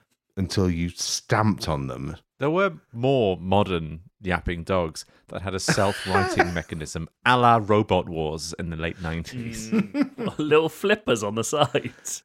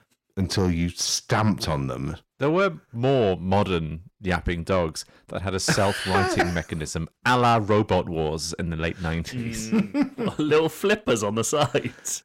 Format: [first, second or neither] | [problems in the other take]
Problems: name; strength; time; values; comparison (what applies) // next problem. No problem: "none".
first | distortion; slight; 10 dB below the speech